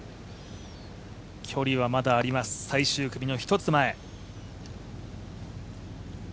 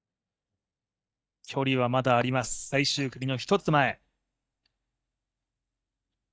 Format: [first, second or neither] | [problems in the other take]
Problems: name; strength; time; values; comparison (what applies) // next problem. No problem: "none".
first | noise reduction (neural mask model DeepFilterNet 3)